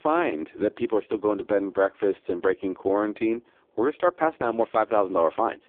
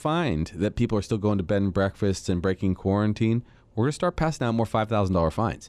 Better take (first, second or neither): second